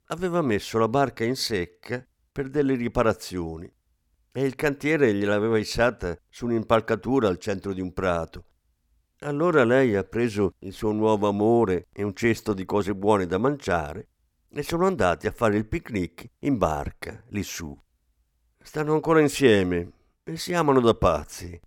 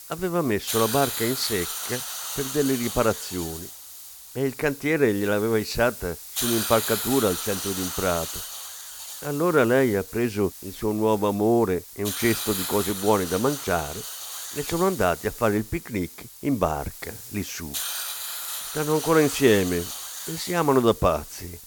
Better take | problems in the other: first | hiss; loud; throughout; 7 dB below the speech

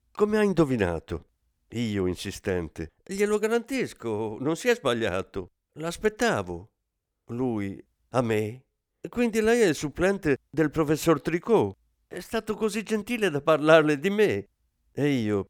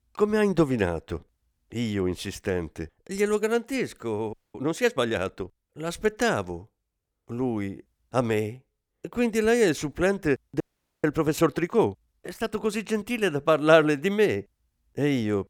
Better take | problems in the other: first | audio freezing; at 4.5 s and at 11 s

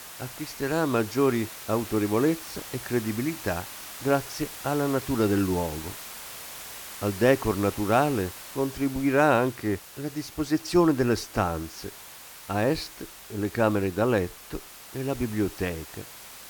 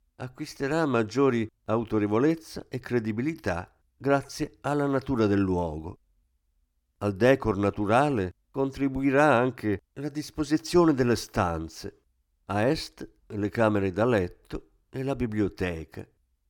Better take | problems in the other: second | hiss; noticeable; throughout; 15 dB below the speech

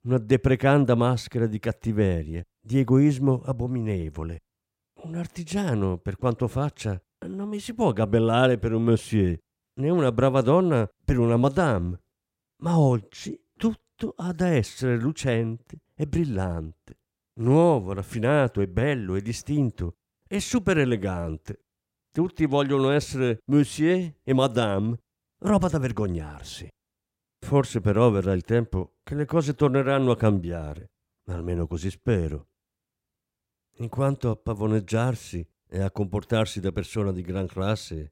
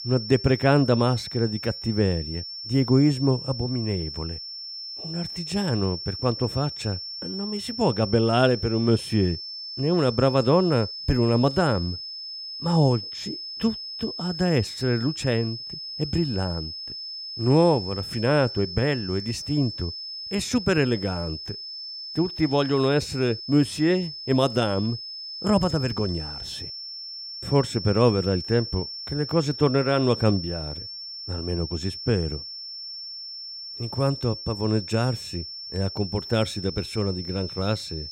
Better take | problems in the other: first | high-pitched whine; loud; throughout; 5.5 kHz, 9 dB below the speech

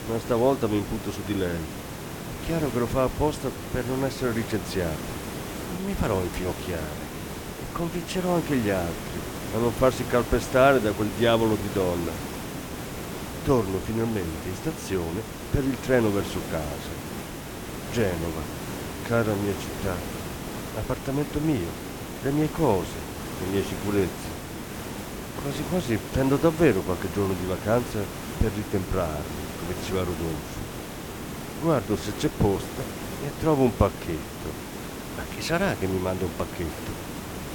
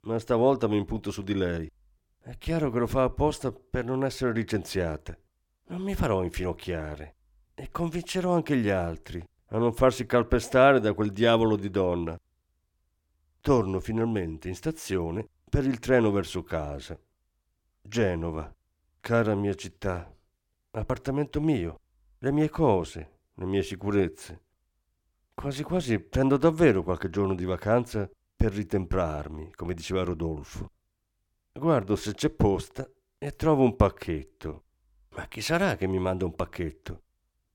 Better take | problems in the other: second | hiss; loud; throughout; 8 dB below the speech

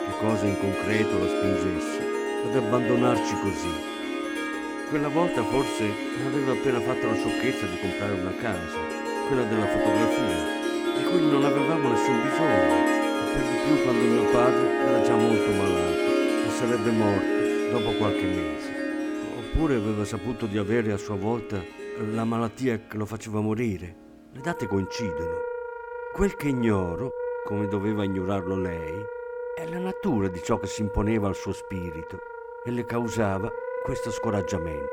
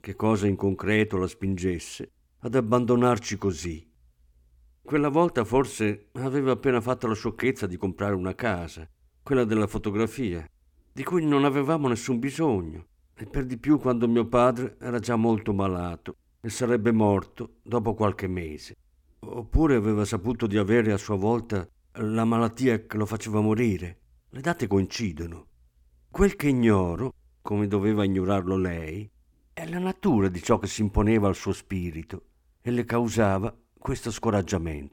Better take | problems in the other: second | background music; very loud; throughout; 1 dB above the speech

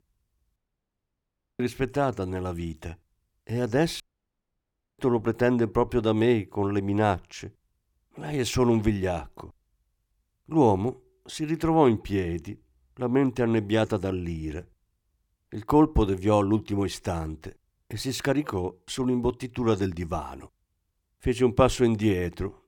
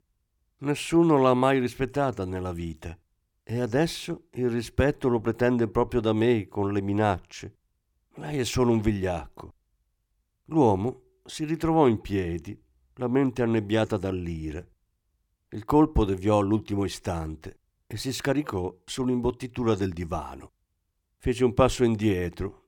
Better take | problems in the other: second | audio cutting out; at 0.5 s for 1 s and at 4 s for 1 s

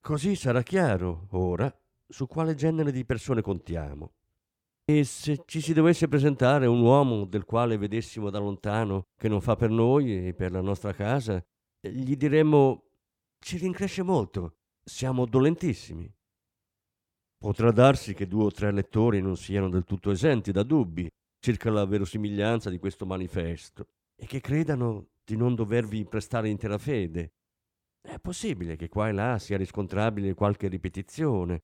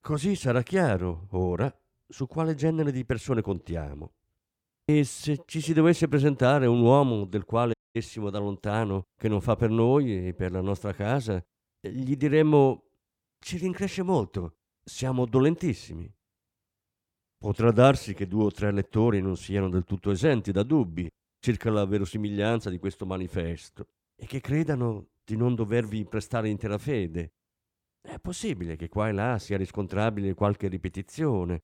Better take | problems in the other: first | audio cutting out; at 7.5 s

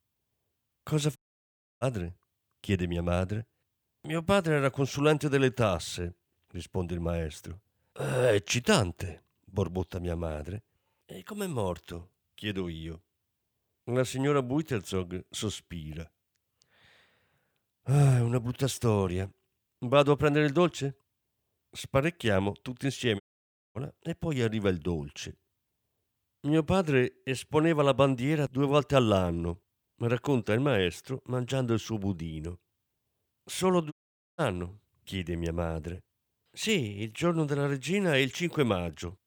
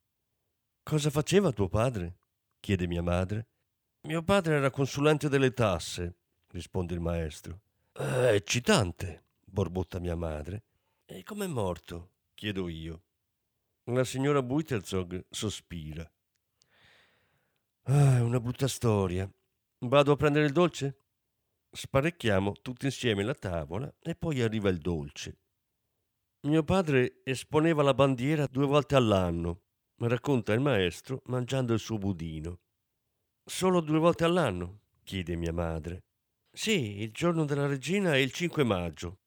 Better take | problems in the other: second | audio cutting out; at 1 s for 0.5 s, at 23 s for 0.5 s and at 34 s

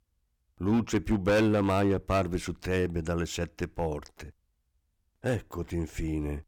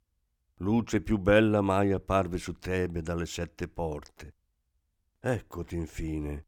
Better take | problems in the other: second | distortion; slight; 5% of the sound clipped

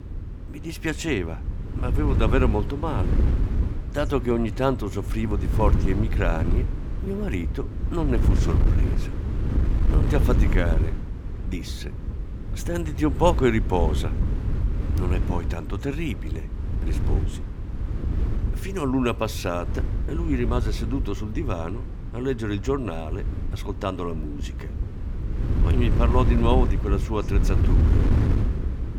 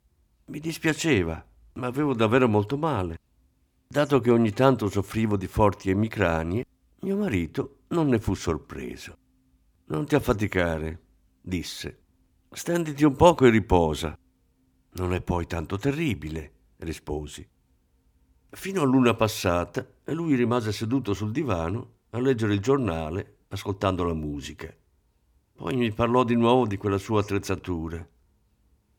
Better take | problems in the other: second | wind noise on the microphone; heavy; 9 dB below the speech

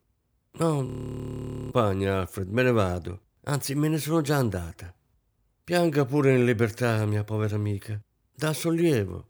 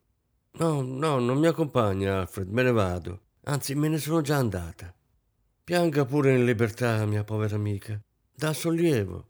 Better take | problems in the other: second | audio freezing; at 1 s for 1 s

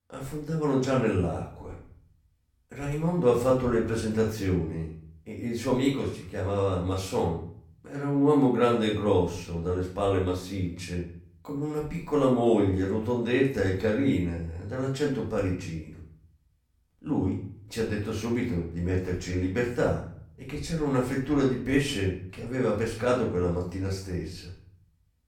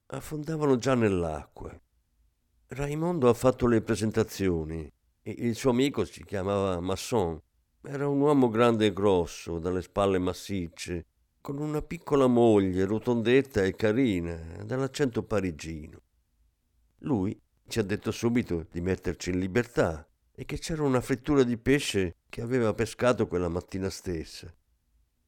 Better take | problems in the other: second | off-mic speech; far // room echo; noticeable; dies away in 0.5 s

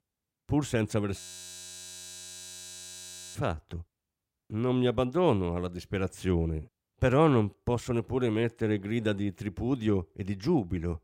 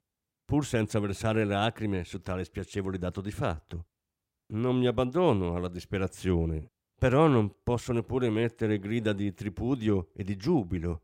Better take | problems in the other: second | audio freezing; at 1 s for 2 s

